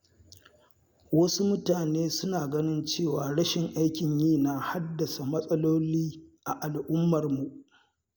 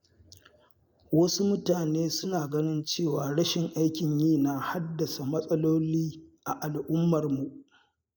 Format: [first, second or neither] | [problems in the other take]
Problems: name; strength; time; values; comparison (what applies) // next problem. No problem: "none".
first | noise reduction (neural mask model Resemble Enhance denoiser)